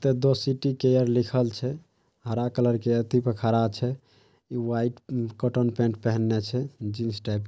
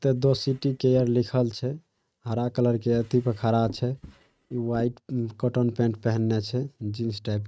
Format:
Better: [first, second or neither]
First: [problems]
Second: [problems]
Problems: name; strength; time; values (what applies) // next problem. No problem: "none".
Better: first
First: none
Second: noise reduction (neural mask model RNNoise)